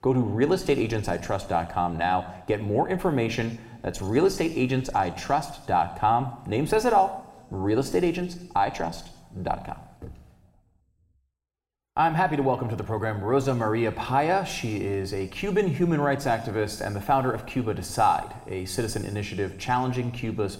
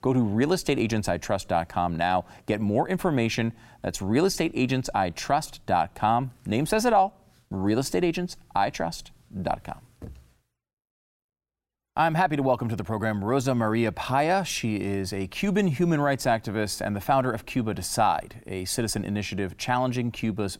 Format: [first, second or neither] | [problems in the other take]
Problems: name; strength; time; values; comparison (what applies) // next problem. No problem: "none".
second | room echo; slight; dies away in 1.6 s